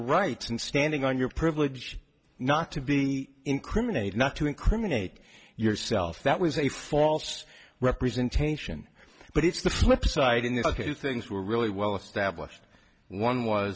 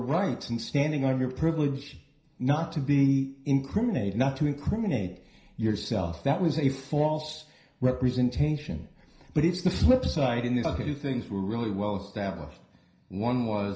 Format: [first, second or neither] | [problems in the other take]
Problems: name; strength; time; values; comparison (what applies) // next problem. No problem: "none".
first | room echo; dies away in 0.5 s